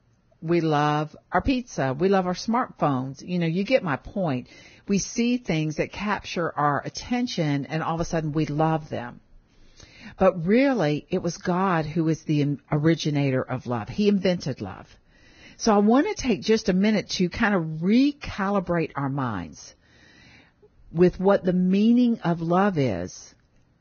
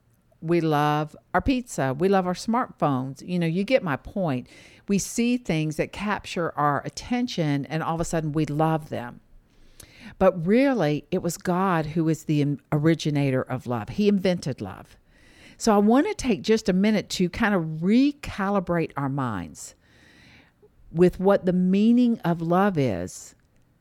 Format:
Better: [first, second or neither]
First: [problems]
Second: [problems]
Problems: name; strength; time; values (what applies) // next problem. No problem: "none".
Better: second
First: garbled, watery; badly; nothing above 6.5 kHz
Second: none